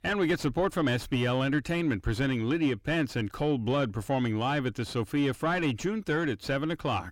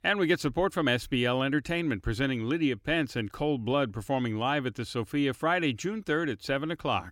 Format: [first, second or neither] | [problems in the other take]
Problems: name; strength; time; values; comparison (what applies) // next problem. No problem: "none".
second | distortion; slight; 8 dB below the speech